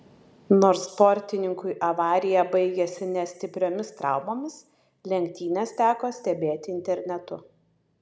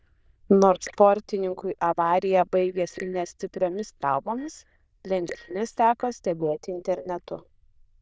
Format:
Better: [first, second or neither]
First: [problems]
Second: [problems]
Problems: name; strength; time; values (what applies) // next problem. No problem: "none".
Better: first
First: none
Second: noise reduction (neural diffusion model UNIVERSE++)